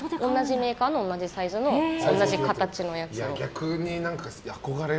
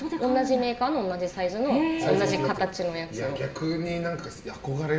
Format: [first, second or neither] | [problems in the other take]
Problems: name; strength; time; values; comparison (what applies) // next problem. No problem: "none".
first | room echo; dies away in 1.1 s